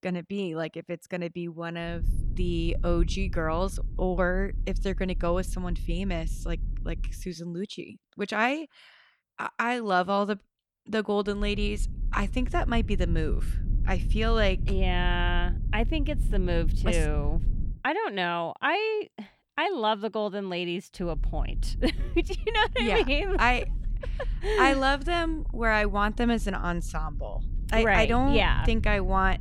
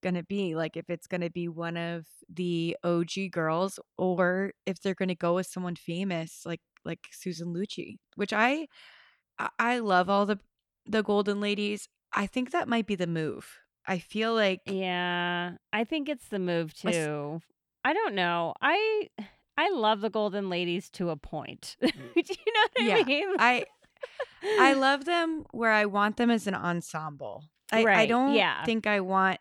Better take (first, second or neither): second